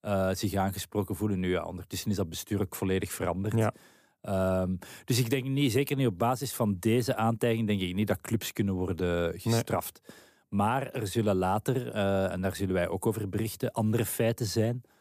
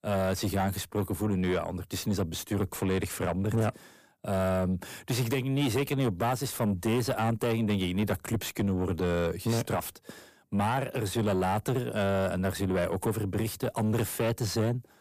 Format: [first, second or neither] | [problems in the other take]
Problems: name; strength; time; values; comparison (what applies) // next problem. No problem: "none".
first | distortion; slight; 10 dB below the speech